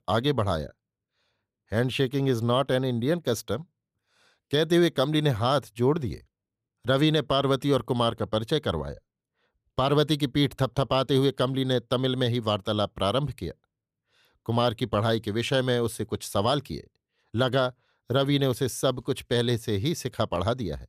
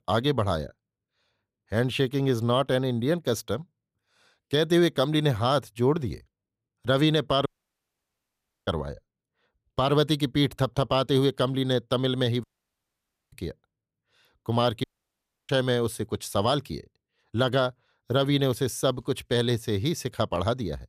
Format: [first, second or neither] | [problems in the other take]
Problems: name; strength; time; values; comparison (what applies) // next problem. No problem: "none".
first | audio cutting out; at 7.5 s for 1 s, at 12 s for 1 s and at 15 s for 0.5 s